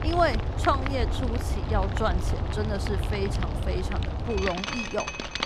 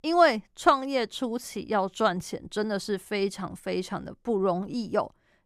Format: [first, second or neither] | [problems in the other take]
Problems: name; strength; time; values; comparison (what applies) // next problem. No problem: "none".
second | rain or running water; very loud; throughout; 1 dB above the speech